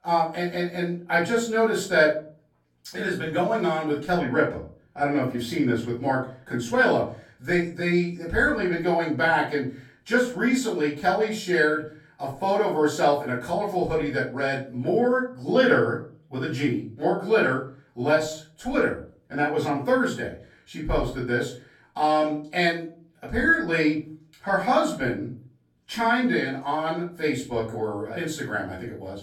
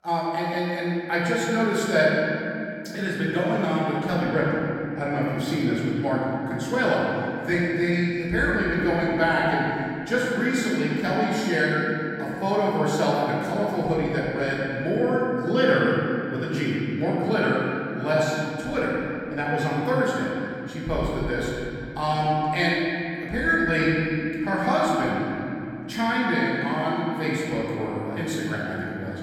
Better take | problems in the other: first | room echo; strong; dies away in 3 s; slight in the first // off-mic speech; far; far in the first

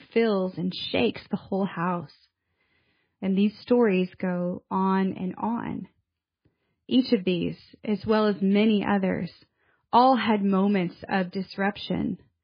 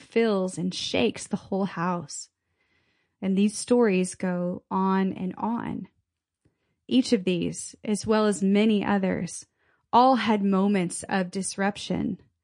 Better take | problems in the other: second | garbled, watery; badly; nothing above 4 kHz; slightly in the second

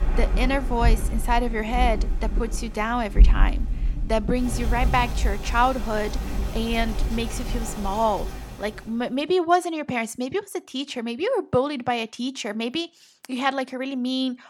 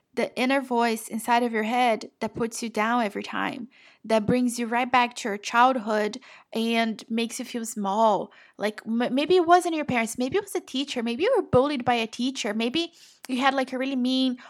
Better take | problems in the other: second | rain or running water; loud; until 8.5 s; 2 dB below the speech

